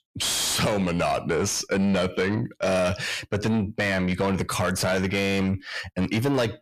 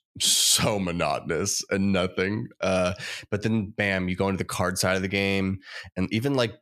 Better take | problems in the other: second | distortion; heavy; 7 dB below the speech

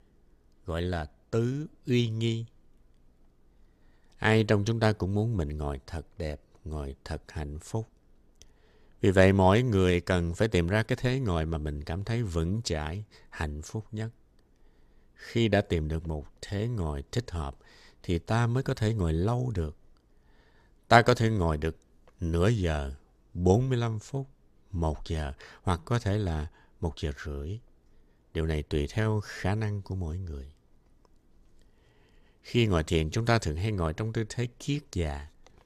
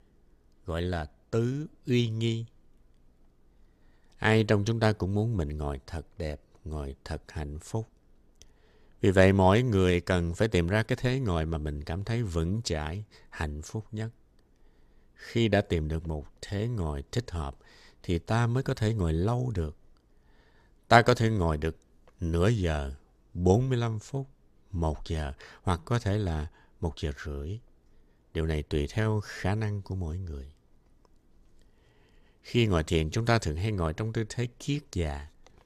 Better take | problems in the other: neither | none

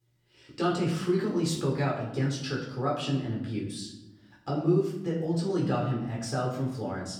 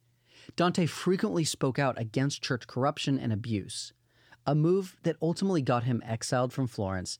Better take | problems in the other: second | off-mic speech; far // room echo; noticeable; dies away in 0.8 s

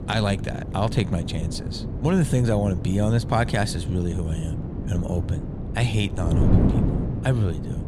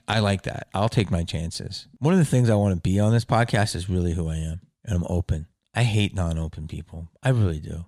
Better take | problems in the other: second | wind noise on the microphone; heavy; 7 dB below the speech

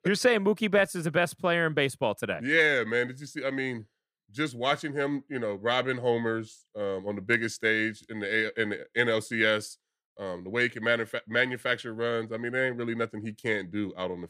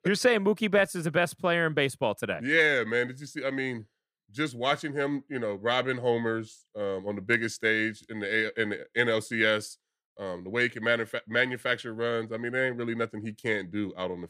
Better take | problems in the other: neither | none

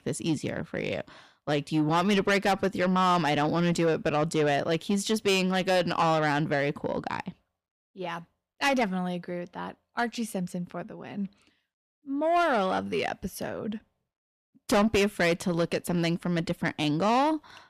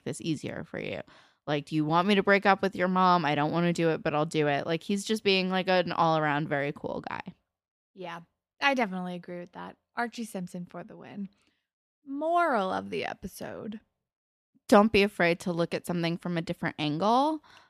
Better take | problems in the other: second | distortion; heavy; 8 dB below the speech

